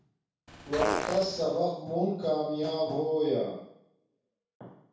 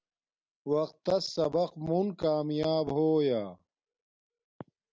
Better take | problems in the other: second | background sound (Fart); 2 dB below the speech // room echo; dies away in 0.7 s

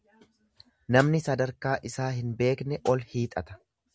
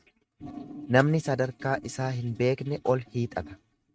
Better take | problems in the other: first | noise reduction (neural mask model RNNoise)

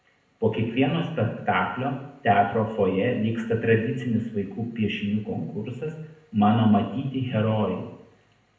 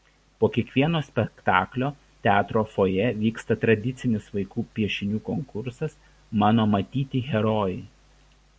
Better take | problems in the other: second | room echo; dies away in 0.7 s

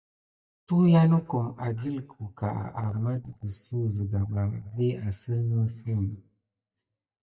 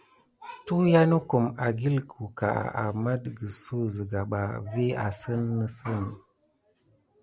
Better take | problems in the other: second | noise reduction (neural mask model DeepFilterNet 3)

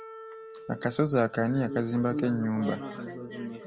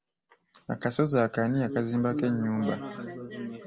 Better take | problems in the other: second | background sound (Wind instrument, woodwind instrument); 18 dB below the speech

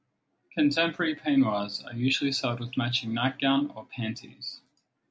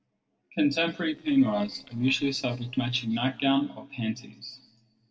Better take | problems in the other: first | noise reduction (neural separator model SepFormer DNS4)

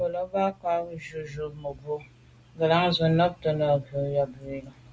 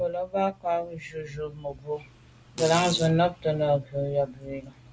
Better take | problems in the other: first | background sound (Fart); 12 dB below the speech

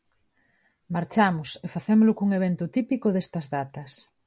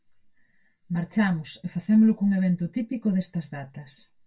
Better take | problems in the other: first | room echo; dies away in 0.1 s

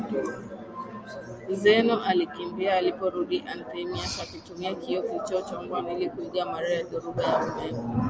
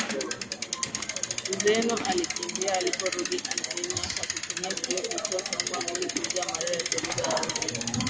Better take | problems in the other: first | background sound (Bicycle); as loud as the speech

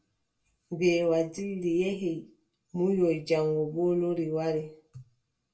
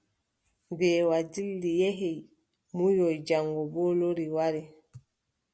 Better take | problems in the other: second | room echo; dies away in 0.2 s

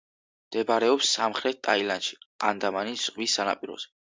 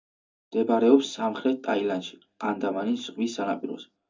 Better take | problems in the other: first | room echo; dies away in 0.3 s

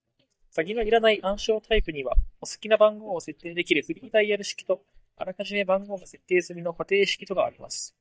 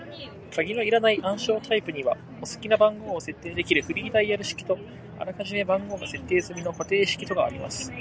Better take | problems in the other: second | noise reduction (neural mask model DeepFilterNet 3)

